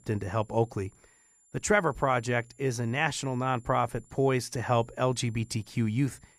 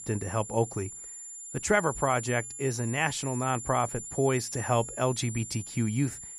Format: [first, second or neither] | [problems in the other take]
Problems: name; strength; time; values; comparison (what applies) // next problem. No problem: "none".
first | high-pitched whine; loud; throughout; 7 kHz, 9 dB below the speech; faint in the first